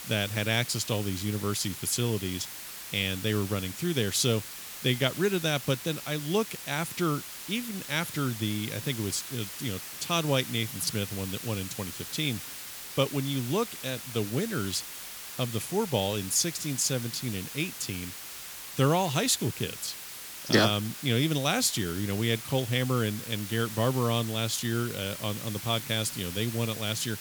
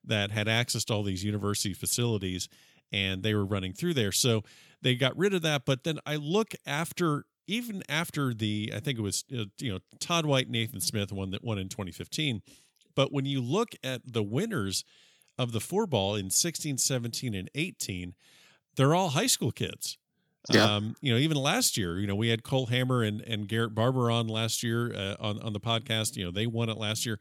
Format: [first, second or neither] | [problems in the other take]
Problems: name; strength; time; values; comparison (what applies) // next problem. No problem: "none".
second | hiss; loud; throughout; 9 dB below the speech